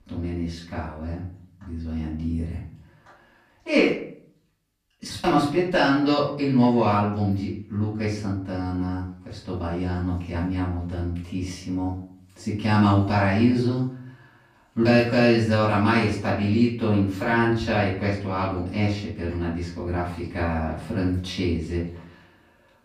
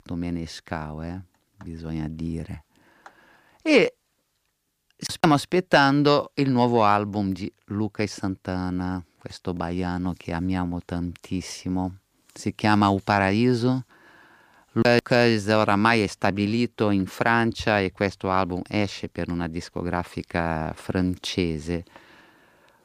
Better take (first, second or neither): second